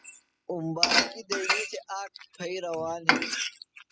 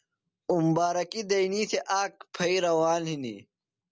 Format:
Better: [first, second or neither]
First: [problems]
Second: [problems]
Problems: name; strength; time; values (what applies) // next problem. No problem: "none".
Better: second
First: noise reduction (classical method spectral subtraction)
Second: none